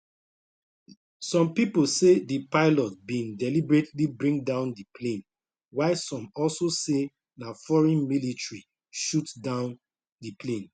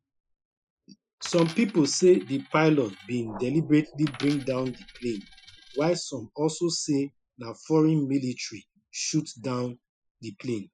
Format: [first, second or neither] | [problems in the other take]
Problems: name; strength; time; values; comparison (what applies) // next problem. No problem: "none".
first | noise reduction (classical method Wiener filter)